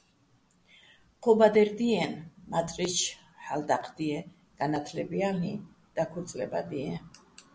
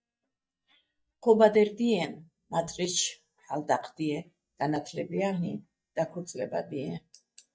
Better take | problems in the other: first | noise reduction (neural mask model DeepFilterNet 3)

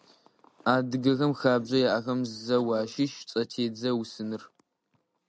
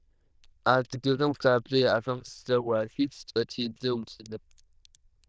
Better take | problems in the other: first | noise reduction (neural diffusion model UNIVERSE++)

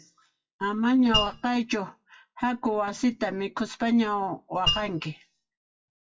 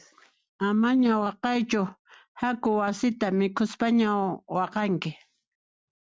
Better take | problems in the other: second | noise reduction (classical method WPE with log-MMSE)

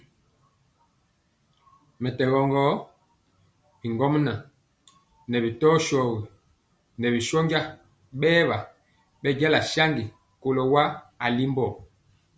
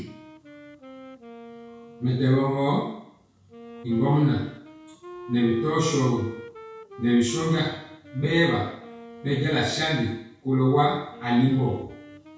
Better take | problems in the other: first | background sound (Wind instrument, woodwind instrument); 19 dB below the speech // room echo; dies away in 0.6 s

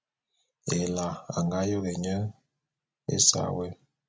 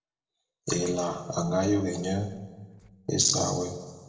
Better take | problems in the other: first | noise reduction (neural separator model SepFormer DNS4)

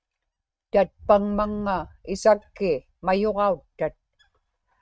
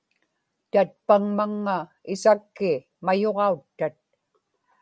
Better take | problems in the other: second | noise reduction (neural mask model RNNoise)

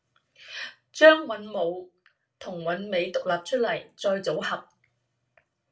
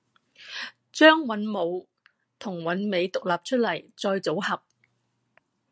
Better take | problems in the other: second | room echo; dies away in 0.2 s

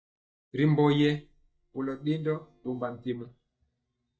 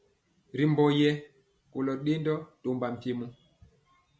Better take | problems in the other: second | noise reduction (neural mask model DeepFilterNet 3)

